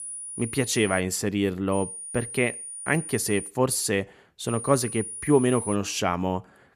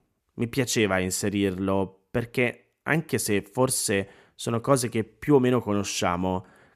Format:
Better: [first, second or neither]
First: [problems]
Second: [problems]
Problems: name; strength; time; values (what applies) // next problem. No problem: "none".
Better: second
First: high-pitched whine; loud; until 1 s, from 1.5 to 3.5 s and from 4.5 to 6 s; 9.5 kHz, 9 dB below the speech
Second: none